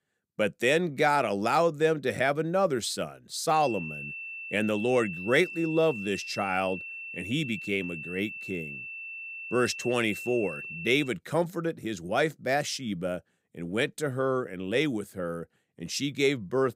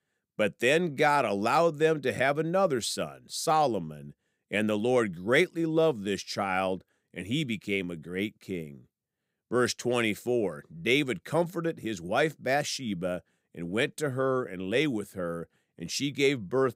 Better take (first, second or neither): second